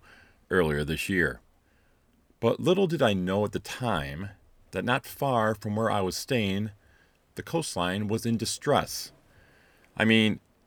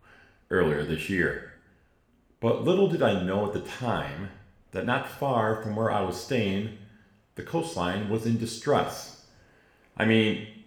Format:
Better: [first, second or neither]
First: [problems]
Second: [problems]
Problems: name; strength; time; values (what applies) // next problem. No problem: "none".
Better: first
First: none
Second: room echo; slight; dies away in 0.7 s // off-mic speech; somewhat distant